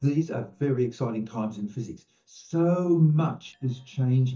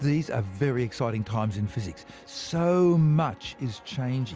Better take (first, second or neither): second